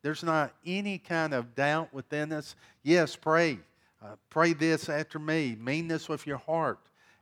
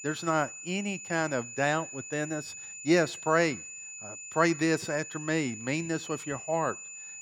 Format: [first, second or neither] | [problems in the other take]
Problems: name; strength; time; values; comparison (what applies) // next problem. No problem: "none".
first | high-pitched whine; noticeable; throughout; 7 kHz, 10 dB below the speech